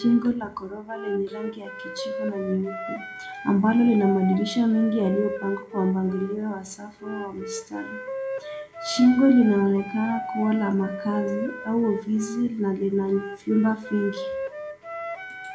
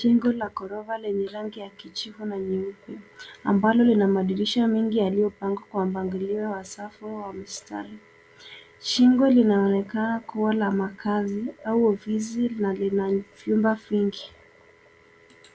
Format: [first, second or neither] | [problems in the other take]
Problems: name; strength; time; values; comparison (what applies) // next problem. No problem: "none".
second | background sound (Wind instrument, woodwind instrument); 11 dB below the speech // room echo; dies away in 0.3 s